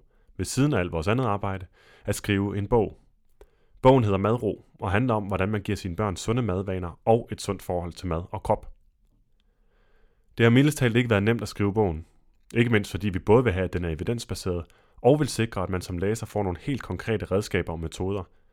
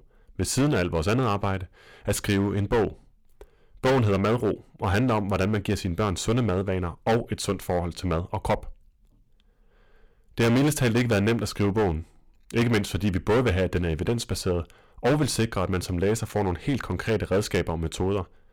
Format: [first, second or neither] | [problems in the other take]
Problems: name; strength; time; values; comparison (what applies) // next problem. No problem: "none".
first | distortion; heavy; 10% of the sound clipped